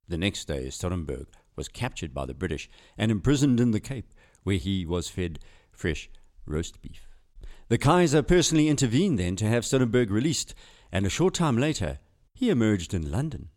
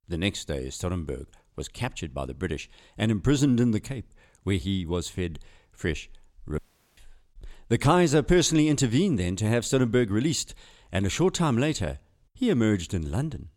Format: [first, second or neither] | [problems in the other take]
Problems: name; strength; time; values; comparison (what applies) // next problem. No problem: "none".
first | audio cutting out; at 6.5 s